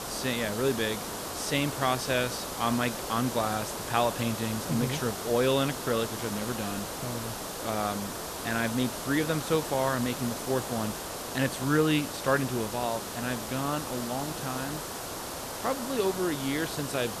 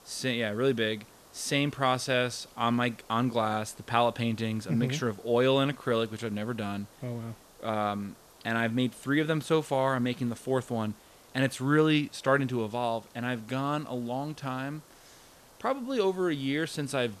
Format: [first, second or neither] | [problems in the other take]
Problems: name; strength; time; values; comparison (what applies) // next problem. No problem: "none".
second | hiss; loud; throughout; 5 dB below the speech; faint in the second